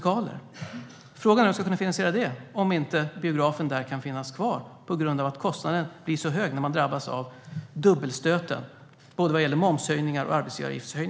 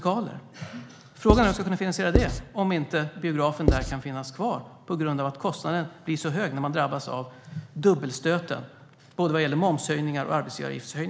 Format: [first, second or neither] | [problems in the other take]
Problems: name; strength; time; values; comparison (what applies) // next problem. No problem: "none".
first | background sound (Writing); 3 dB above the speech